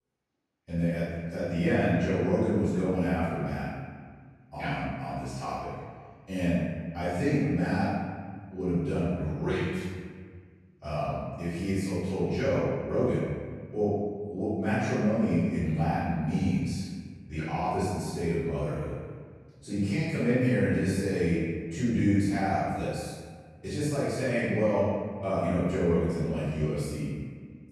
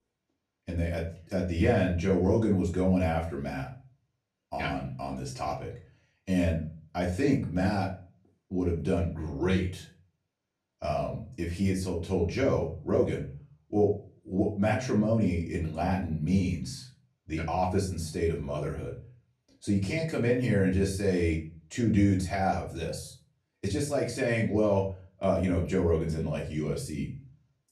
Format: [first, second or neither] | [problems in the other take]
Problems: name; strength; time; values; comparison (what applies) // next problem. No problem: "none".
second | room echo; strong; dies away in 1.6 s; slight in the second // off-mic speech; far; far in the second